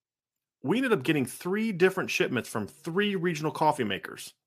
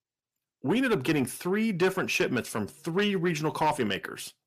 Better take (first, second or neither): first